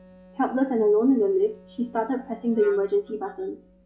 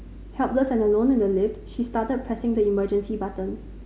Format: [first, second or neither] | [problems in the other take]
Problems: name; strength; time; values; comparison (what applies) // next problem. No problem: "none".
second | noise reduction (classical method log-MMSE)